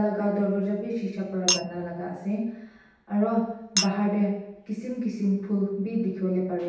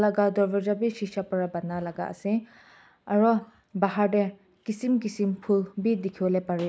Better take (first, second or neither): second